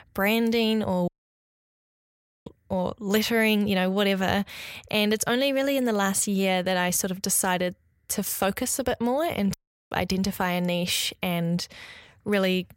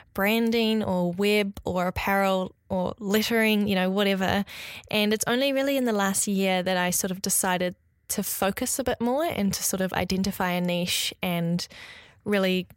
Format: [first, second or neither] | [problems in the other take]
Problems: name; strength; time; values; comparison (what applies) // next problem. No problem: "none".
second | audio cutting out; at 1 s for 1.5 s and at 9.5 s